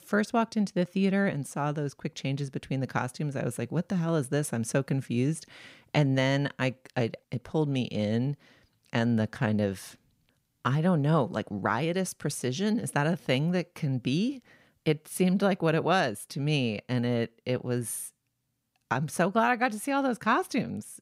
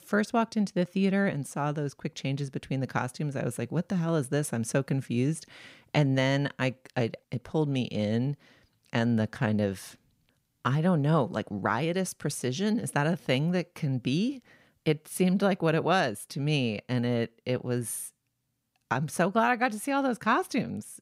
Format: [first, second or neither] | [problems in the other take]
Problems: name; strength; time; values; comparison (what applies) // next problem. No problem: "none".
neither | none